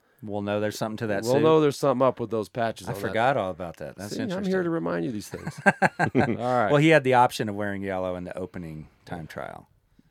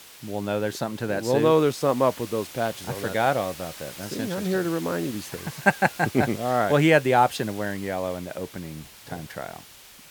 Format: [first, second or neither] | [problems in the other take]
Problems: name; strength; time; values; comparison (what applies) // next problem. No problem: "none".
first | hiss; noticeable; throughout; 15 dB below the speech